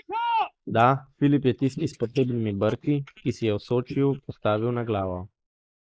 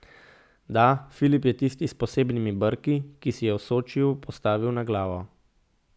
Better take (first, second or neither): second